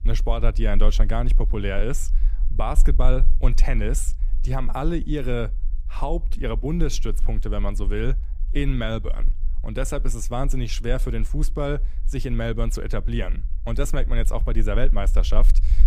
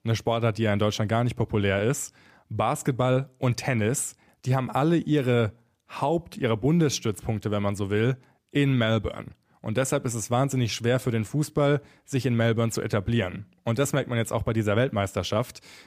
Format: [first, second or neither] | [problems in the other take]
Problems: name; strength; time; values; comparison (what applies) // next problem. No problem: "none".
second | low rumble; faint; throughout; 20 dB below the speech